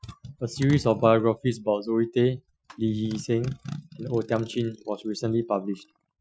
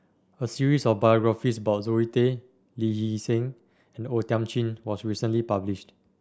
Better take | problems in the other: second | noise reduction (classical method Wiener filter)

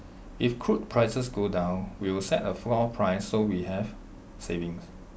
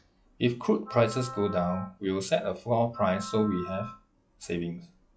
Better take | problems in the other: first | noise reduction (classical method log-MMSE)

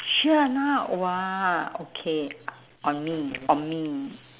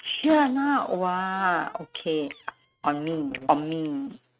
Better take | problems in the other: first | noise reduction (neural mask model RNNoise)

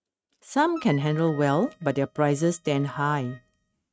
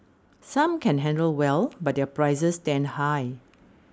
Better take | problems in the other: second | noise reduction (neural mask model RNNoise)

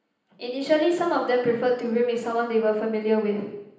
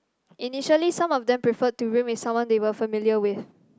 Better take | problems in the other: second | room echo; dies away in 0.9 s

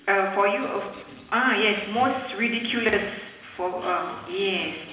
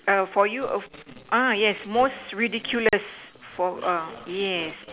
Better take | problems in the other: second | room echo; dies away in 1 s

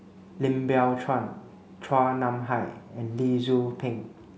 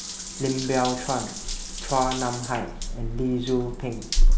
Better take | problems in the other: first | background sound (Drip / Trickle, dribble / Bathtub (filling or washing) / Water tap, faucet); 3 dB above the speech

